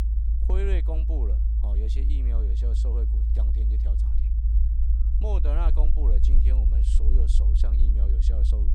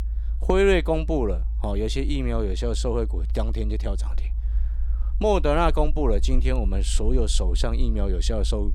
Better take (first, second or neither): second